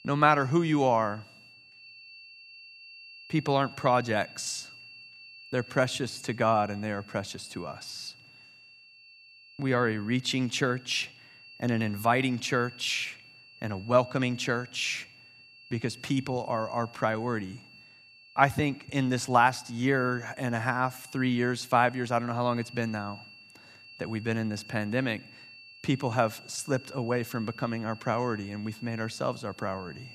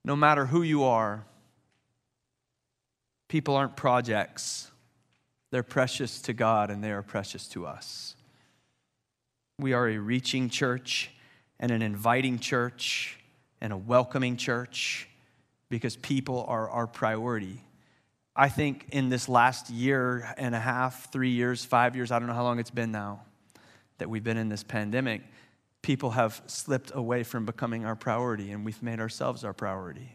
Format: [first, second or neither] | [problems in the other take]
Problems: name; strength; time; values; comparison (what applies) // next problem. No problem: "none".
second | high-pitched whine; noticeable; throughout; 2.5 kHz, 20 dB below the speech